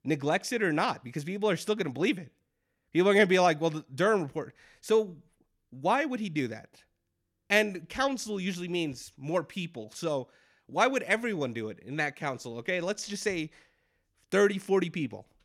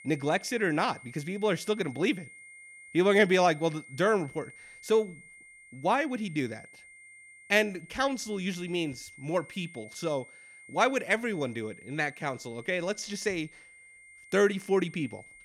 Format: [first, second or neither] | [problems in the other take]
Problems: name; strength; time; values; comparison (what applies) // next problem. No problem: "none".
first | high-pitched whine; noticeable; throughout; 2 kHz, 20 dB below the speech